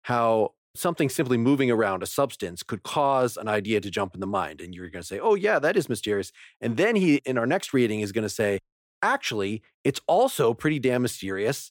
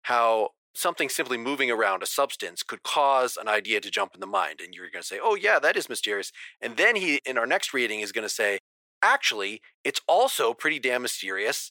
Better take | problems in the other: first | thin; somewhat; fading below 600 Hz

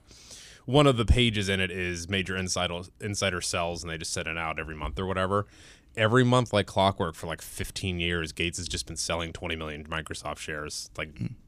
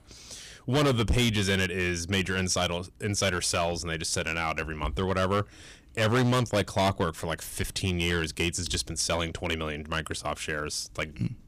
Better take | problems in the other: first | distortion; heavy; 6% of the sound clipped

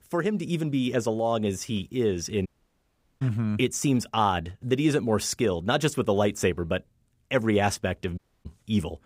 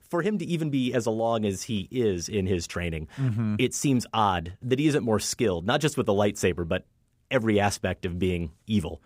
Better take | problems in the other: second | audio cutting out; at 2.5 s for 1 s and at 8 s

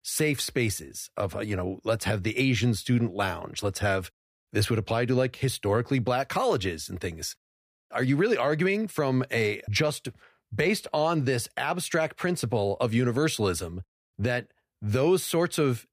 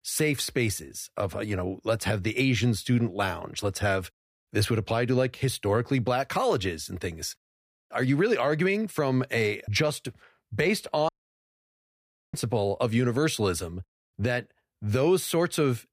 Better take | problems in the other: first | audio cutting out; at 11 s for 1 s

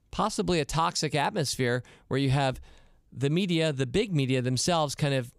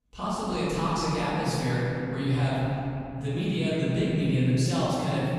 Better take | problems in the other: first | off-mic speech; far // room echo; strong; dies away in 3 s

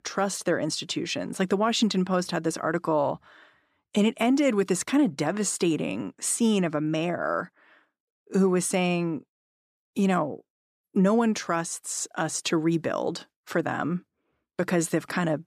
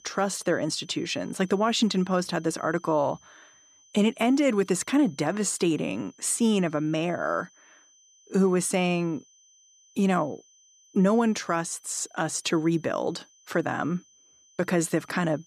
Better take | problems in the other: first | high-pitched whine; faint; throughout; 6 kHz, 30 dB below the speech

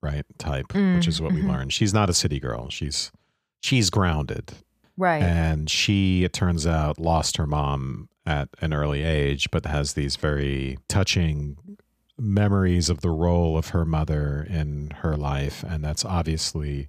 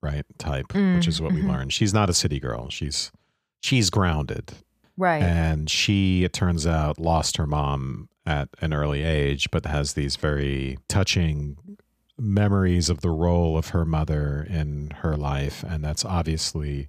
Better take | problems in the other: neither | none

